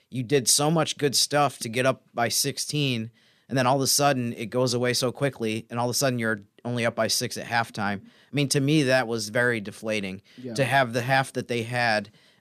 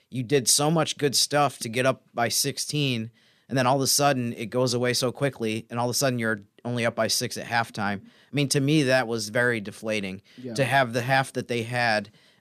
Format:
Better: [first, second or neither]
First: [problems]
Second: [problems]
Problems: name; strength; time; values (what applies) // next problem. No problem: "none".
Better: neither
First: none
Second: none